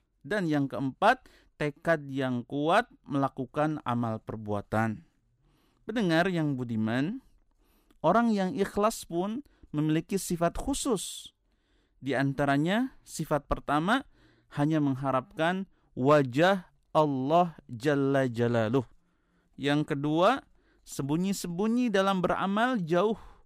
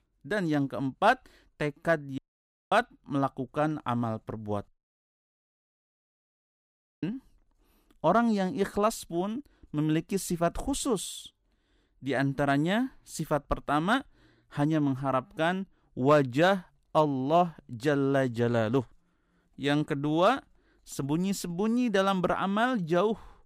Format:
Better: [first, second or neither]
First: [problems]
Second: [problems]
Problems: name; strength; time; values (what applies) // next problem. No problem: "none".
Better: first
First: none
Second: audio cutting out; at 2 s for 0.5 s and at 4.5 s for 2.5 s